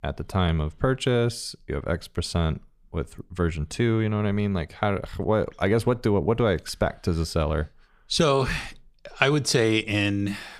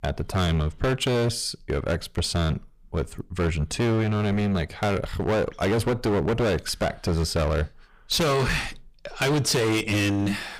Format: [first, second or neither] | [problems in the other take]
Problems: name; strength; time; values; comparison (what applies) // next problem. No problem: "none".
first | distortion; heavy; 20% of the sound clipped